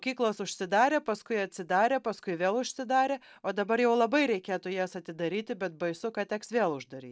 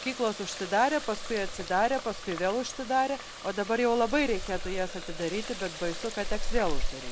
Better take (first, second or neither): first